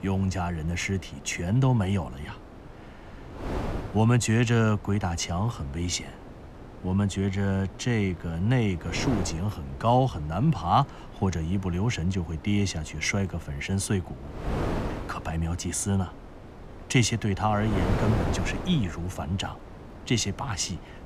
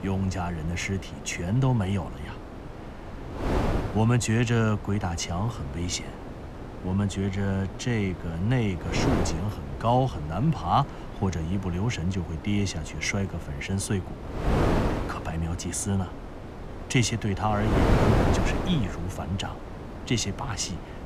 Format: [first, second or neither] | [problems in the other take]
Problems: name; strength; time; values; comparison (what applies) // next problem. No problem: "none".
first | wind noise on the microphone; heavy; 4 dB below the speech; occasional gusts in the first